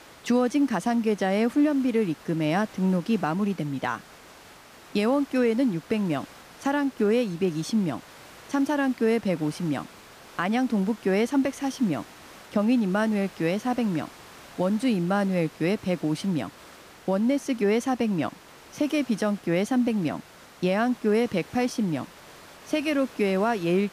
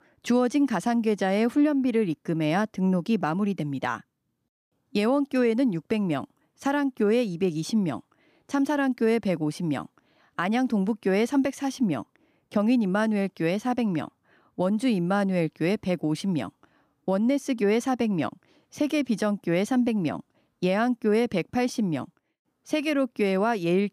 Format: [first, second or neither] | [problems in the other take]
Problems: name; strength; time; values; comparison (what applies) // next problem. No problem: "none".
second | hiss; faint; throughout; 20 dB below the speech